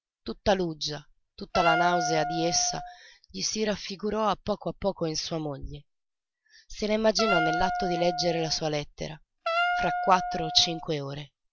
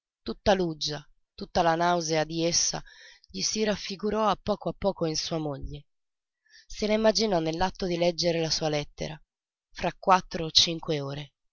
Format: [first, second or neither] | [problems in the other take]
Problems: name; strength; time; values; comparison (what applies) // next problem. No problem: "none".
second | background sound (Wind instrument, woodwind instrument); 2 dB below the speech